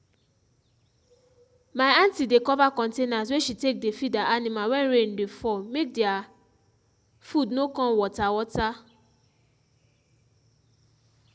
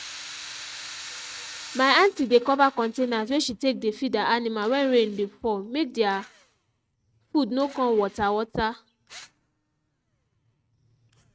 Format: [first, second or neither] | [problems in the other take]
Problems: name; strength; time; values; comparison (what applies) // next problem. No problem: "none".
first | noise reduction (neural mask model RNNoise)